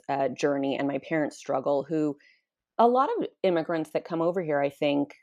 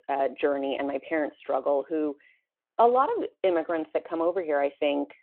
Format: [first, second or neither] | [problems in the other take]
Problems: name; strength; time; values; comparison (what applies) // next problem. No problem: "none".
first | phone-call audio